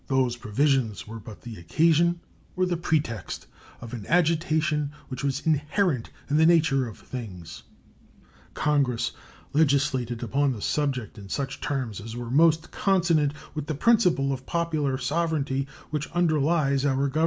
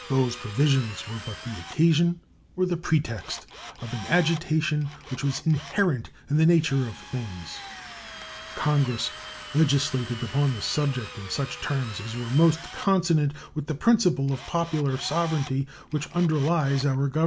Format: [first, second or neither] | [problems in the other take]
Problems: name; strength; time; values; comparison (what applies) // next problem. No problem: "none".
first | background sound (Drill); 17 dB below the speech